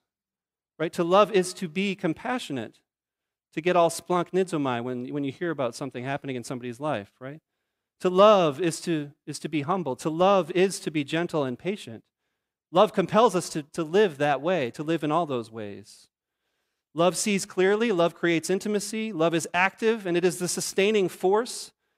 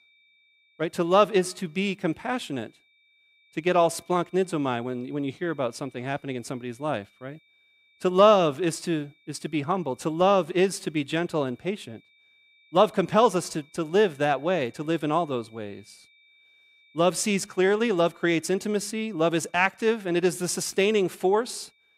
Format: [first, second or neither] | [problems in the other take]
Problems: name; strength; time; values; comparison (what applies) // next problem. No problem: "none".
first | high-pitched whine; faint; throughout; 2.5 kHz, 35 dB below the speech